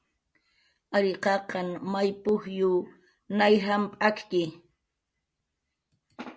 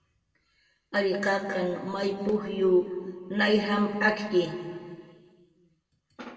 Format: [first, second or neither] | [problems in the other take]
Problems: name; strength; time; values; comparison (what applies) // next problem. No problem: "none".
first | room echo; dies away in 1.9 s